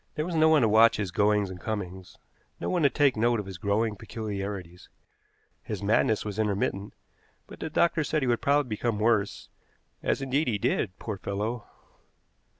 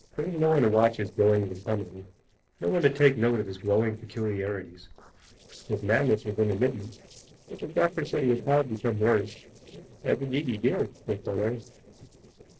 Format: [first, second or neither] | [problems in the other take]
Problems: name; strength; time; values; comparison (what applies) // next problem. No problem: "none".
first | noise reduction (neural separator model SepFormer DNS4)